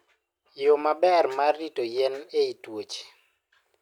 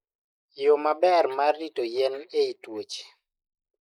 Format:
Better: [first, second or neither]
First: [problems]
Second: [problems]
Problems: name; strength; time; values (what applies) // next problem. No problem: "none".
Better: first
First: none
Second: noise reduction (neural mask model Resemble Enhance denoiser)